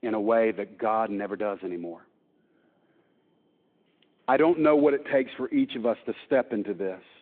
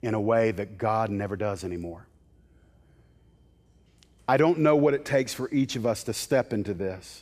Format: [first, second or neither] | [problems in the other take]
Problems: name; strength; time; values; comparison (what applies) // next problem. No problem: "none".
second | phone-call audio